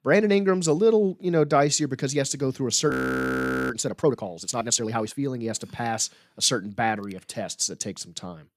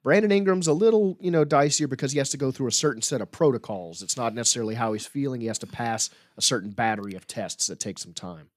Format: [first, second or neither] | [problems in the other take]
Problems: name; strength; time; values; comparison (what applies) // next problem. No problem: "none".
second | audio freezing; at 3 s for 1 s